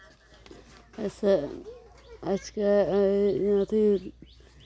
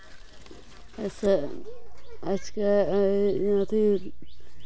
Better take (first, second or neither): first